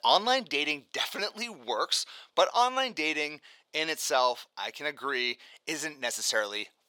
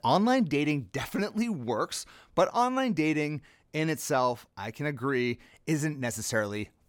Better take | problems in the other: second | thin; very; fading below 600 Hz

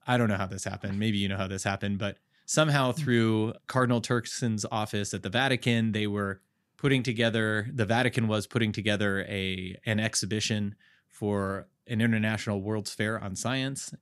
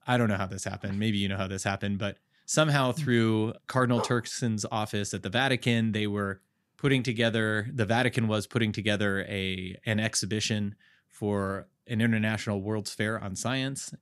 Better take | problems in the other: first | dog barking; noticeable; at 4 s; peak 8 dB below the speech

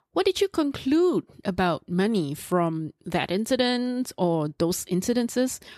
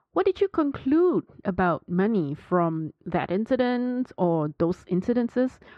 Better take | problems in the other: first | muffled; very; fading above 1.5 kHz

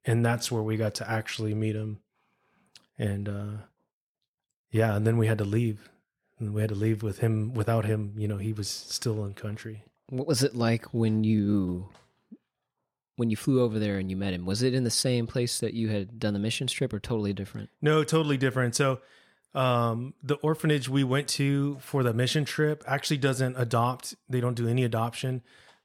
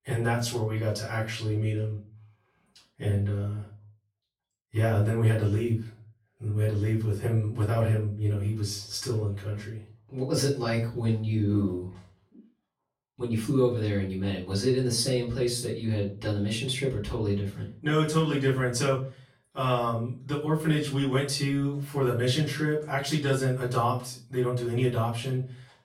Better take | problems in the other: first | room echo; slight; dies away in 0.3 s // off-mic speech; far

